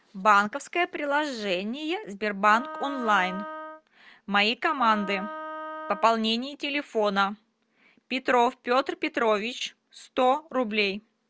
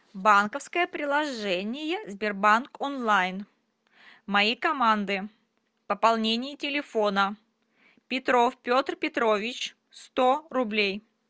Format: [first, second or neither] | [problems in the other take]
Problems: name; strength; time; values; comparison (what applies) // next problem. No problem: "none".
second | background sound (Wind instrument, woodwind instrument); 12 dB below the speech